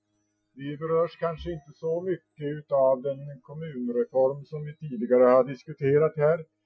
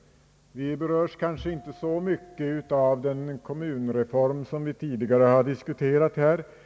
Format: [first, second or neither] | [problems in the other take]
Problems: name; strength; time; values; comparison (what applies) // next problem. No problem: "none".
second | noise reduction (classical method Wiener filter)